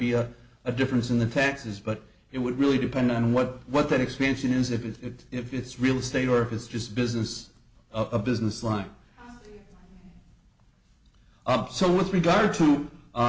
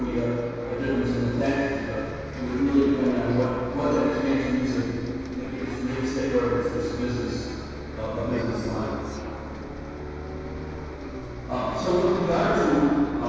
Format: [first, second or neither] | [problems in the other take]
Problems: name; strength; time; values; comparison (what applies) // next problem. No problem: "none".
first | background sound (Bus); 8 dB below the speech // room echo; dies away in 2.2 s